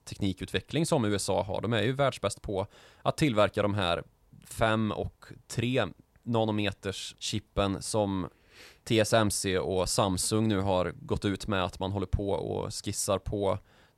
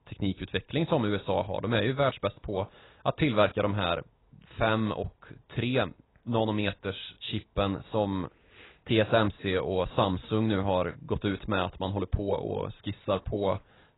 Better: first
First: none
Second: garbled, watery; badly; nothing above 4 kHz

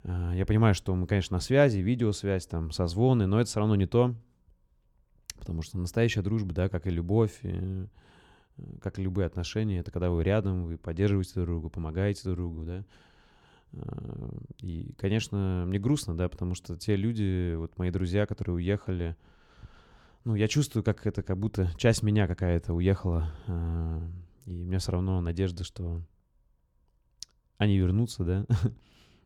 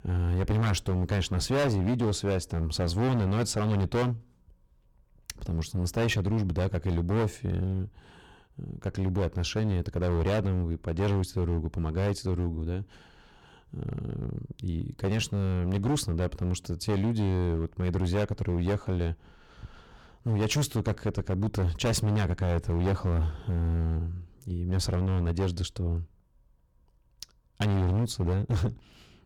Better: first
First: none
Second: distortion; heavy; 15% of the sound clipped

